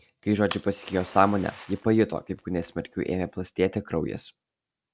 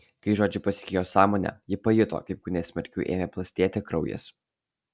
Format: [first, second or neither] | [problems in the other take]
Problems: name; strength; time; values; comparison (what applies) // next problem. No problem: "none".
second | background sound (Fire); 19 dB below the speech